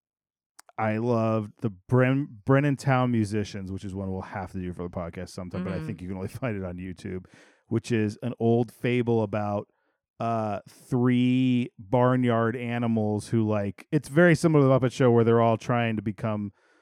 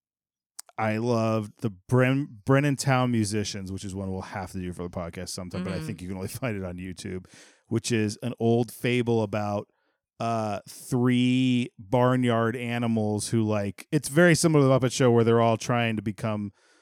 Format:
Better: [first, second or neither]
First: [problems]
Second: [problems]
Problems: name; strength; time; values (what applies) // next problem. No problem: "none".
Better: second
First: muffled; slightly; fading above 3 kHz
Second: none